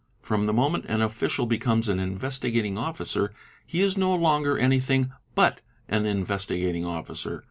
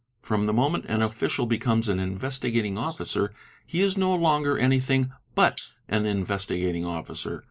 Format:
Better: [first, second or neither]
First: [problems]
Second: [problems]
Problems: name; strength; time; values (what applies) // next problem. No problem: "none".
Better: first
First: none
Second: noise reduction (neural mask model Resemble Enhance denoiser)